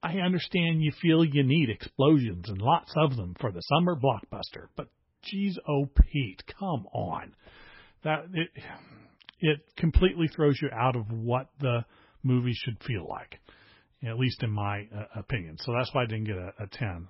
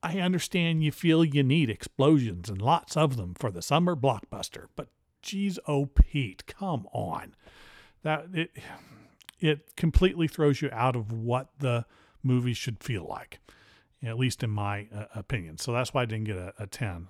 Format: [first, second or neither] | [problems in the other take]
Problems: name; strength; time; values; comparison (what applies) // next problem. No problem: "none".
second | garbled, watery; badly; nothing above 5.5 kHz